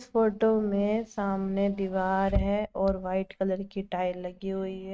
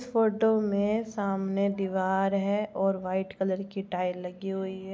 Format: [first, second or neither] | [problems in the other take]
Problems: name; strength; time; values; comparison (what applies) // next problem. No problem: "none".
second | noise reduction (neural mask model RNNoise)